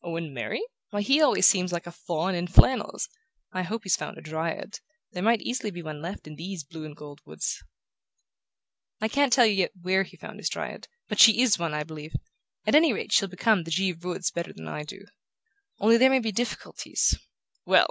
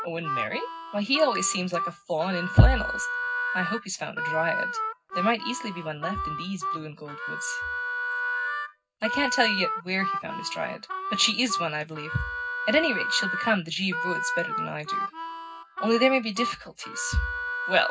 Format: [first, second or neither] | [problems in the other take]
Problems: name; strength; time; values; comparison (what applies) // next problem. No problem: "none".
first | background sound (Harmonica); 4 dB below the speech // room echo; dies away in 0.4 s